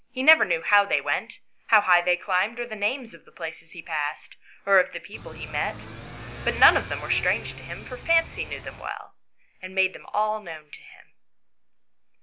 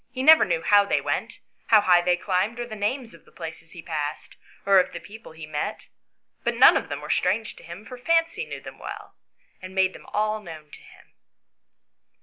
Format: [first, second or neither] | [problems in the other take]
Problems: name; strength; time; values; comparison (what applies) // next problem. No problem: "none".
second | background sound (Motorcycle / Accelerating, revving, vroom); 12 dB below the speech